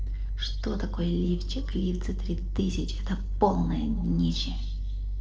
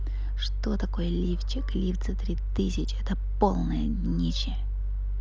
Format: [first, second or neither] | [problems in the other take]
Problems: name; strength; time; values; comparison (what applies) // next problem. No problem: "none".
second | noise reduction (neural separator model SepFormer DNS4)